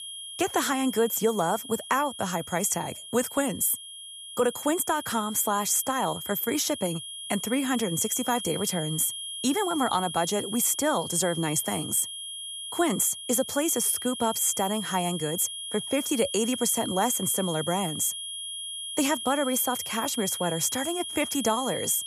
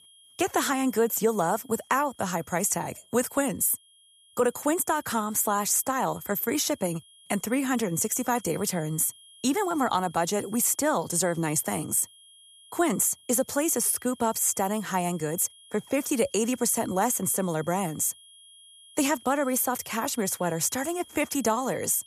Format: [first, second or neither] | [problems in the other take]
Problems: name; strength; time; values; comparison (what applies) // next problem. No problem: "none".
second | high-pitched whine; loud; throughout; 3.5 kHz, 8 dB below the speech; faint in the second